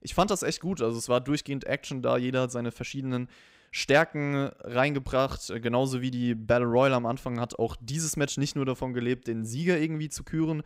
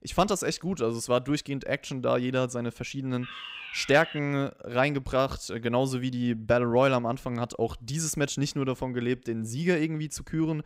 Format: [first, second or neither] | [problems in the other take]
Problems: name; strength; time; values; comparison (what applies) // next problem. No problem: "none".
first | alarm; noticeable; at 3 s; peak 10 dB below the speech